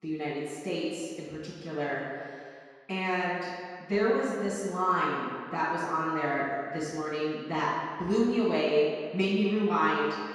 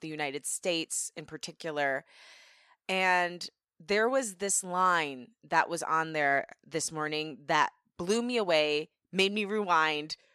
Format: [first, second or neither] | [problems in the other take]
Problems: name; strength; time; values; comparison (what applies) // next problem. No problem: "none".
second | room echo; strong; dies away in 2 s // off-mic speech; far